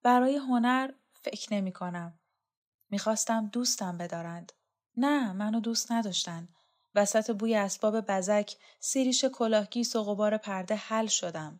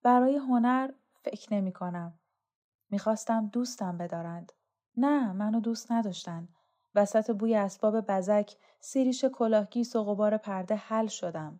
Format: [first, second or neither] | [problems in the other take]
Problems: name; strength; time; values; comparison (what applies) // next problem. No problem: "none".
first | muffled; slightly; fading above 1.5 kHz